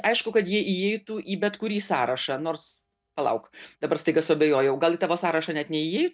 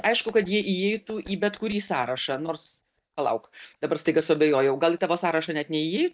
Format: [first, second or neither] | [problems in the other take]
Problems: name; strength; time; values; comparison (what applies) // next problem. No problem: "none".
first | noise reduction (neural mask model DeepFilterNet 3)